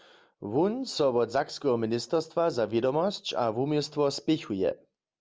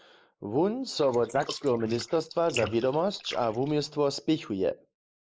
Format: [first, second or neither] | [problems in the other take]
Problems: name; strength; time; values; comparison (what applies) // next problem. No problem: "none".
first | noise reduction (neural mask model Resemble Enhance denoiser)